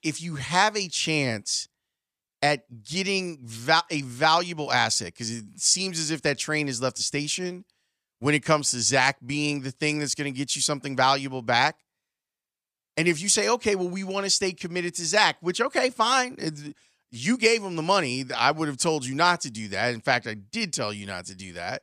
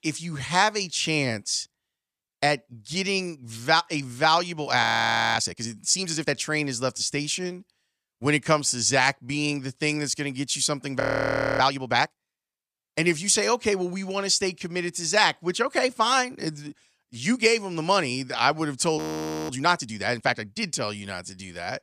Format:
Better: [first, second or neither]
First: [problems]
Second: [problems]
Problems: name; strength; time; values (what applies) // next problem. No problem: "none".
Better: first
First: none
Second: audio freezing; at 5 s for 0.5 s, at 11 s for 0.5 s and at 19 s for 0.5 s